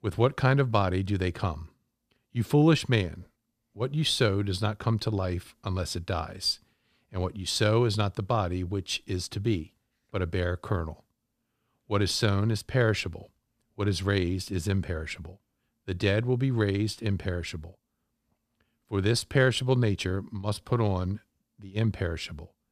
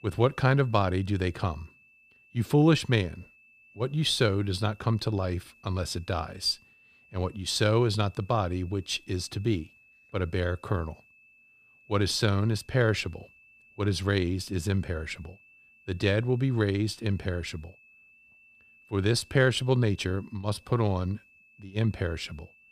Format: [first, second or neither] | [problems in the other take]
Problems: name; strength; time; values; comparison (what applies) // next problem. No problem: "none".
first | high-pitched whine; faint; throughout; 2.5 kHz, 30 dB below the speech